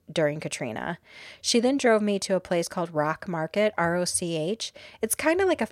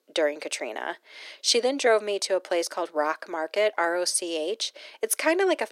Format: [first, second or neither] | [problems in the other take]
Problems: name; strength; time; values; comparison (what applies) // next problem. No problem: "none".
first | thin; somewhat; fading below 300 Hz